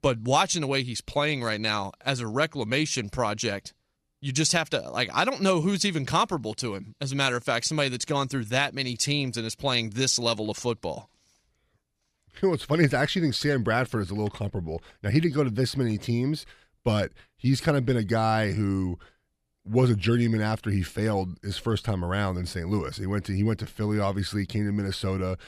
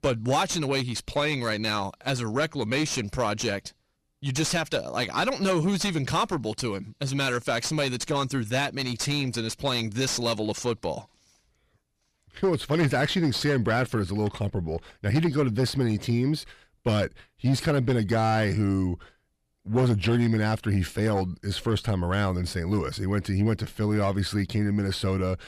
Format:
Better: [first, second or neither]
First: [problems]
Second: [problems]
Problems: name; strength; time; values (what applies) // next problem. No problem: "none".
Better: first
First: none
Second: distortion; slight; 10 dB below the speech